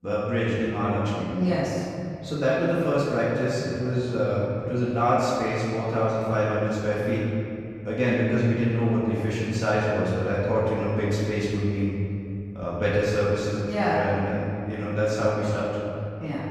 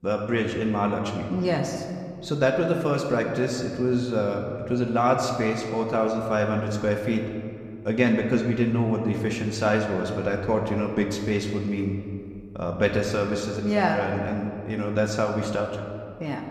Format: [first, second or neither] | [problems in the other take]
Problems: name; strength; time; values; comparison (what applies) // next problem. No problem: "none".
second | room echo; strong; dies away in 2.5 s; slight in the second // off-mic speech; far